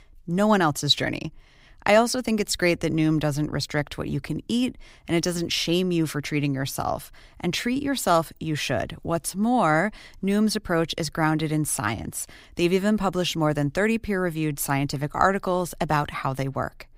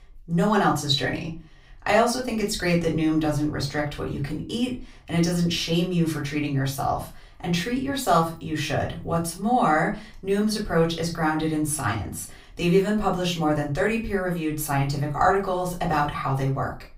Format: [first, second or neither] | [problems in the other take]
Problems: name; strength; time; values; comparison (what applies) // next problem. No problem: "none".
first | off-mic speech; far // room echo; very slight; dies away in 0.3 s